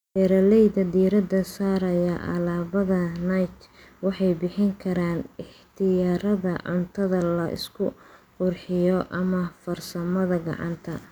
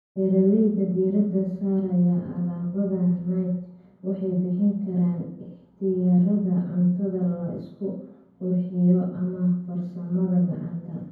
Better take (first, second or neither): first